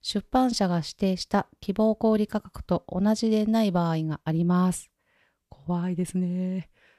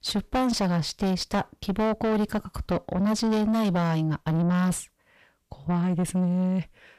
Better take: first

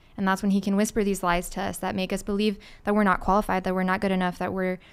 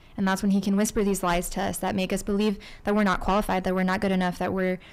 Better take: first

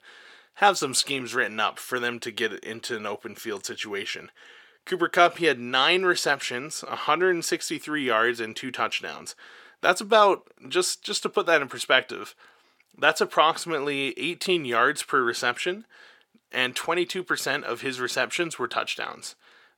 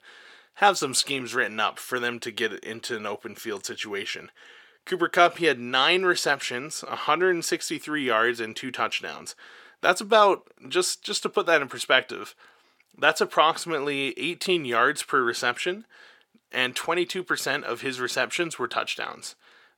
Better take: neither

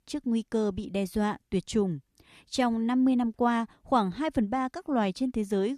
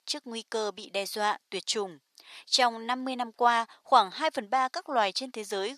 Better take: first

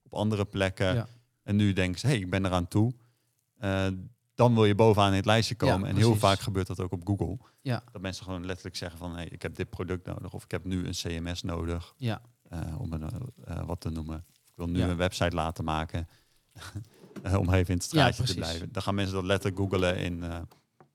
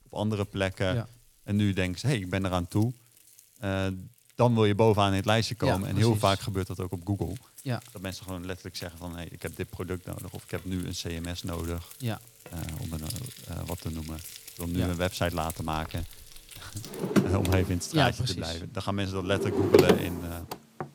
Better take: first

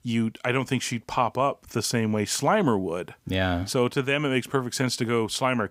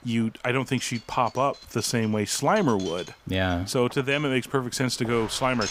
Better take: first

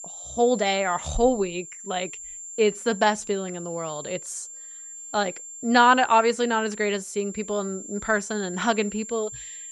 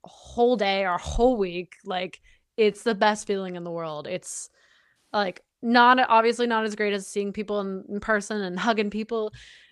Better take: second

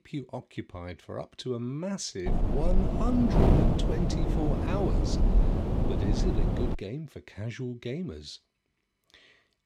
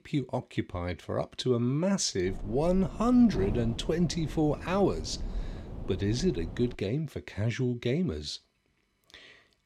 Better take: second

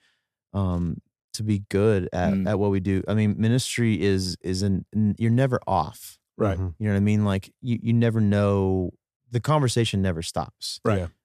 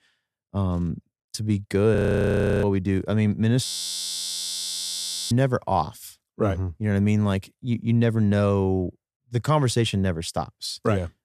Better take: first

